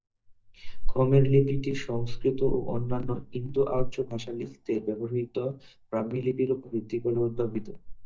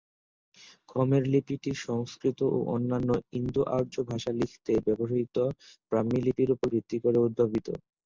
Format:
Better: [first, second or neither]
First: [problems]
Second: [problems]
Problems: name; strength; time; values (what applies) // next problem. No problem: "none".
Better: second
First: noise reduction (neural mask model DeepFilterNet 3)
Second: none